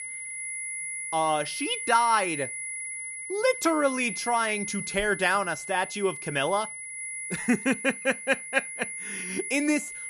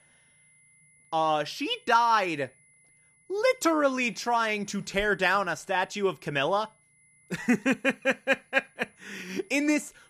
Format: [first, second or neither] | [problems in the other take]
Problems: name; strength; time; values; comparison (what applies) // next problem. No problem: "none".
second | high-pitched whine; loud; throughout; 2 kHz, 7 dB below the speech; faint in the second